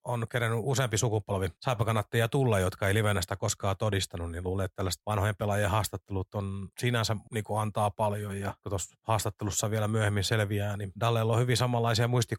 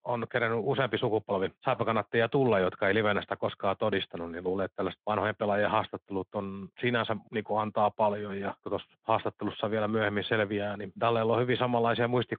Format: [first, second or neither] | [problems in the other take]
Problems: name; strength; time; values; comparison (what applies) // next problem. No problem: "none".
first | phone-call audio